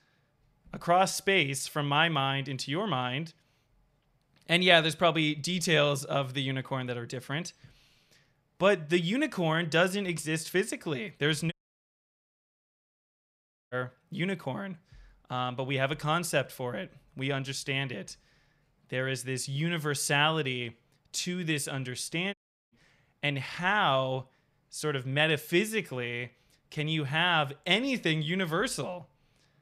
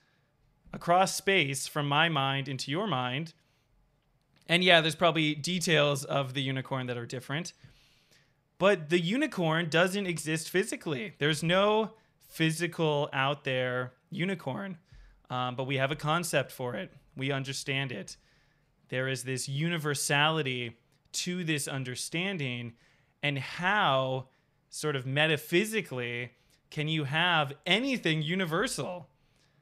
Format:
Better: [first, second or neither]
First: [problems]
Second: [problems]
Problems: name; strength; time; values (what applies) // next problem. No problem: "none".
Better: second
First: audio cutting out; at 12 s for 2 s and at 22 s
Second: none